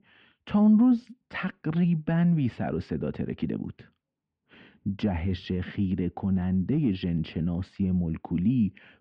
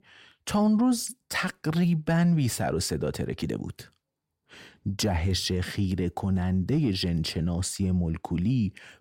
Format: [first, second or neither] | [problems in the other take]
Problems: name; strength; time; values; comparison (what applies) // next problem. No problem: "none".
second | muffled; very; fading above 3 kHz